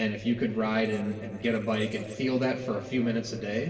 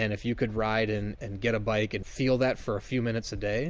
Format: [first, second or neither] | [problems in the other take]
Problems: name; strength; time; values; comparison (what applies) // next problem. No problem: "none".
second | noise reduction (neural separator model SepFormer DNS4)